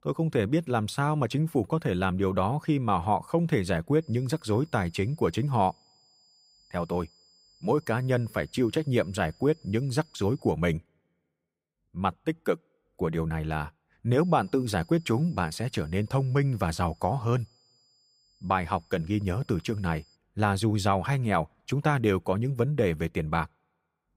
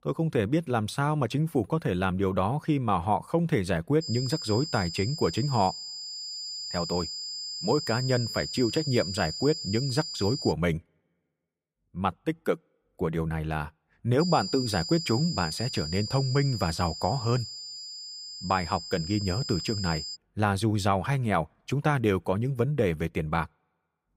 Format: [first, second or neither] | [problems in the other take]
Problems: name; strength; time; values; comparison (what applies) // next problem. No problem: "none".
first | high-pitched whine; loud; from 4 to 11 s and from 14 to 20 s; 5 kHz, 6 dB below the speech; faint in the first